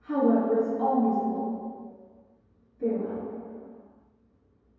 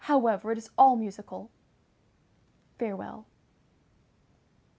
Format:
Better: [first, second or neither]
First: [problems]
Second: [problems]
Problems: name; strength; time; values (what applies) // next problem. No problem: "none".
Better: second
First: room echo; dies away in 2.2 s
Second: none